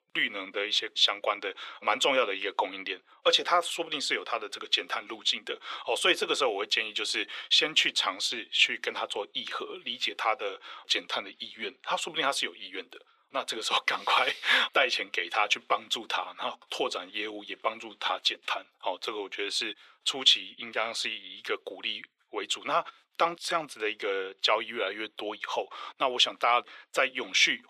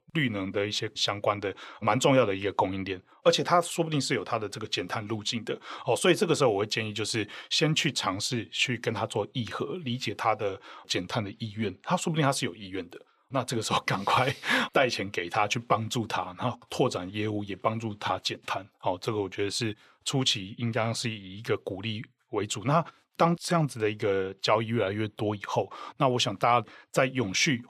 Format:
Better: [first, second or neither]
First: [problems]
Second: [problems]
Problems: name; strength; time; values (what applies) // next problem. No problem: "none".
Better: second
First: thin; very; fading below 350 Hz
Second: none